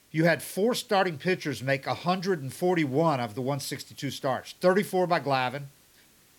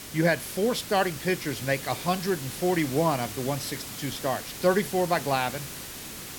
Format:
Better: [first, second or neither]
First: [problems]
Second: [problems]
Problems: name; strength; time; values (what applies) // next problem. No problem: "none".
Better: first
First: hiss; faint; throughout; 30 dB below the speech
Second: hiss; loud; throughout; 9 dB below the speech